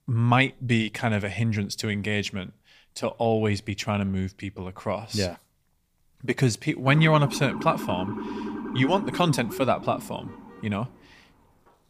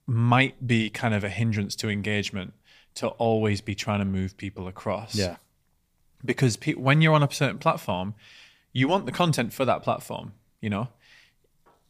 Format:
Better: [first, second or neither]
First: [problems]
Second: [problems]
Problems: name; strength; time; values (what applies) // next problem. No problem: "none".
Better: second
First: siren; noticeable; from 7 to 11 s; peak 7 dB below the speech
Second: none